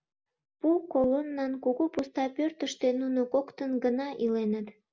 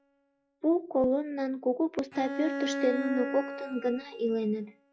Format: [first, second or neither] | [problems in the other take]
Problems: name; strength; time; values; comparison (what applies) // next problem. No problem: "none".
first | noise reduction (classical method log-MMSE)